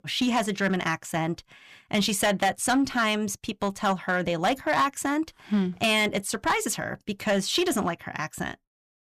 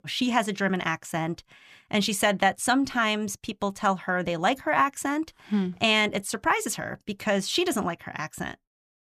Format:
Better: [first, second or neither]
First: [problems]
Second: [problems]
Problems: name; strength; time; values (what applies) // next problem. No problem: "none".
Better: second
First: distortion; slight; 5% of the sound clipped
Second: none